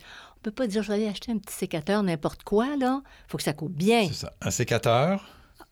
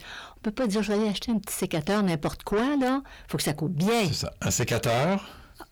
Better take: first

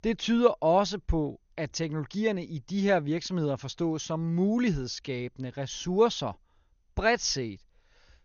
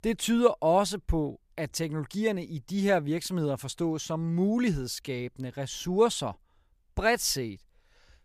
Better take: second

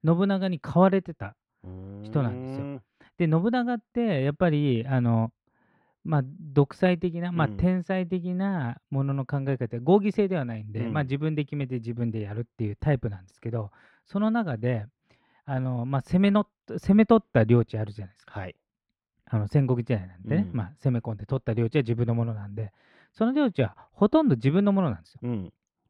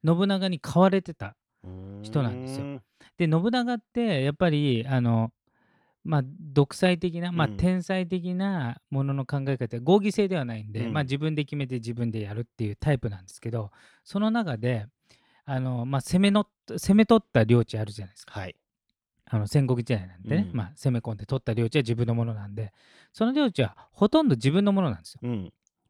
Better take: second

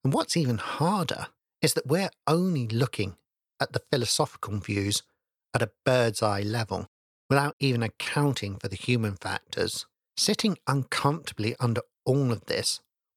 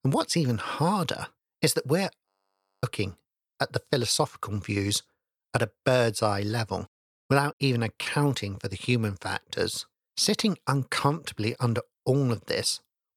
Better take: first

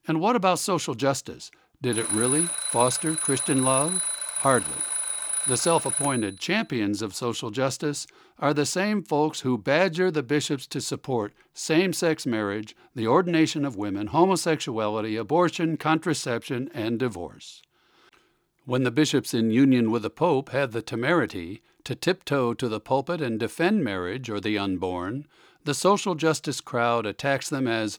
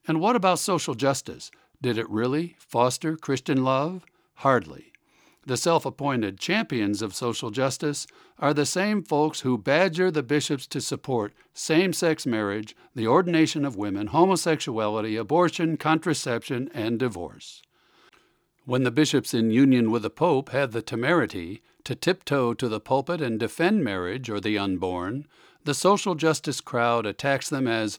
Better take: second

